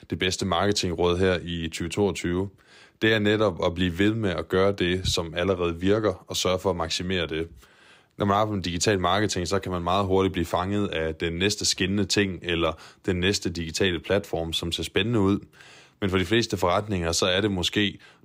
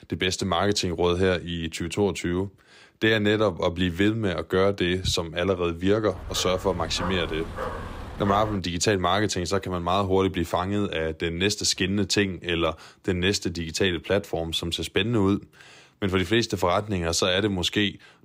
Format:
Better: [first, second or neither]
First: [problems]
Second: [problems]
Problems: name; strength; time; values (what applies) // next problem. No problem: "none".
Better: first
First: none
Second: dog barking; noticeable; from 6 to 8.5 s; peak 8 dB below the speech